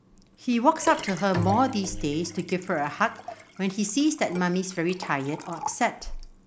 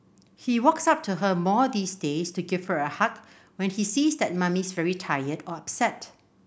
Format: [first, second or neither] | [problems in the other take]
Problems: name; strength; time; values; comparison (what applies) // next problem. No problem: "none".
second | background sound (Liquid + Bowed string instrument); 11 dB below the speech